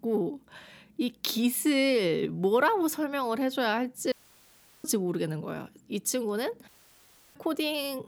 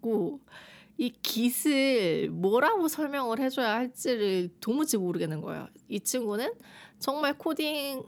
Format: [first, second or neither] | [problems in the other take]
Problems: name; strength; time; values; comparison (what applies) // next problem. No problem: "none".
second | audio cutting out; at 4 s for 0.5 s and at 6.5 s for 0.5 s